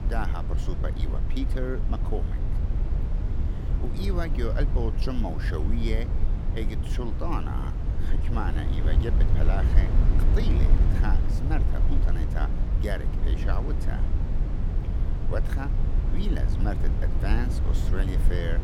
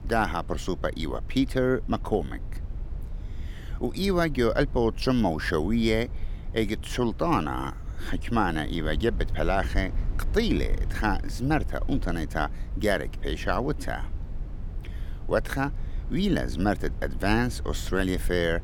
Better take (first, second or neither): second